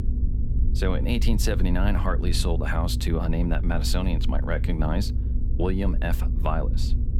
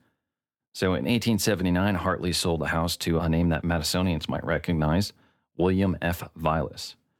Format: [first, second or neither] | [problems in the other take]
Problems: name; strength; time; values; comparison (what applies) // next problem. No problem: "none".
second | low rumble; noticeable; throughout; 10 dB below the speech